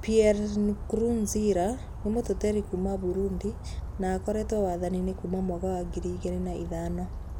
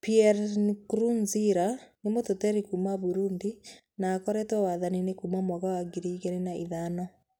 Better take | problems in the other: second | background sound (Bird vocalization, bird call, bird song); 8 dB below the speech

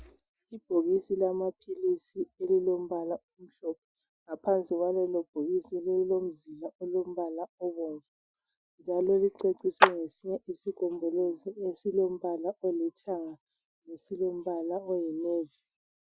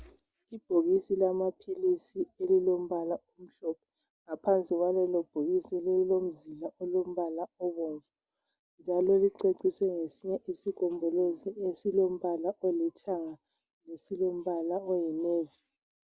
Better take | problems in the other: second | noise reduction (classical method Wiener filter)

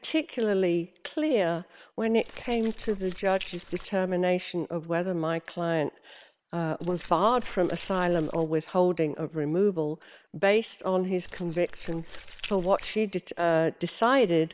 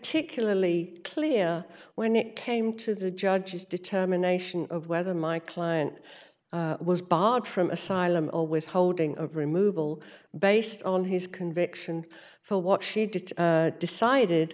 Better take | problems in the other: second | noise reduction (neural separator model SepFormer WHAM!)

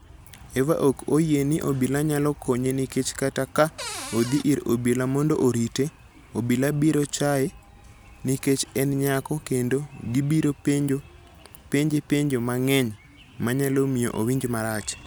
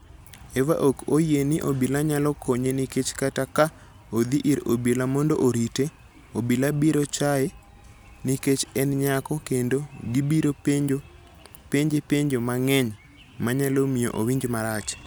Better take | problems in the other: second | background sound (Cupboard open or close); 10 dB below the speech

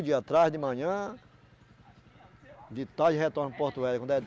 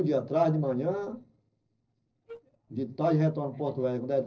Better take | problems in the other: first | noise reduction (neural separator model SepFormer DNS4)

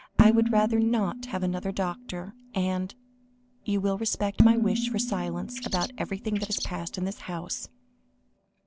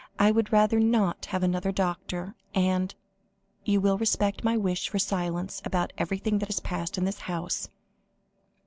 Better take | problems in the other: second | background sound (Bird + Dishes, pots, and pans); 1 dB below the speech

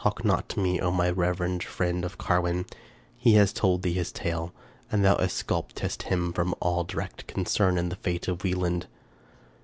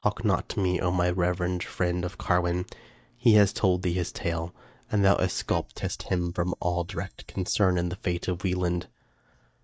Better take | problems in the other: first | noise reduction (neural mask model DeepFilterNet 3)

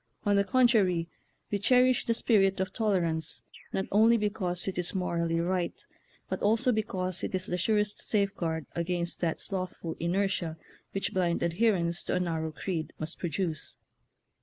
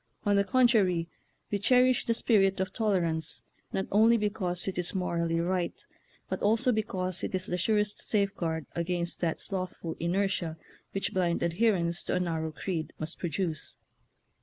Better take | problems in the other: second | noise reduction (neural mask model Resemble Enhance denoiser)

